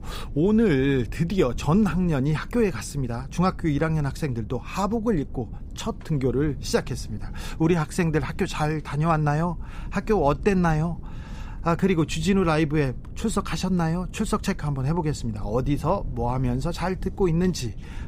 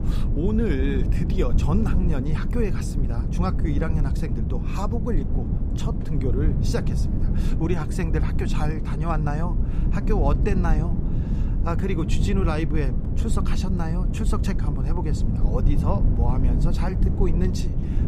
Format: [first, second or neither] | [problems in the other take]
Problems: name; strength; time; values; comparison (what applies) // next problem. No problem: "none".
first | low rumble; loud; throughout; 5 dB below the speech; faint in the first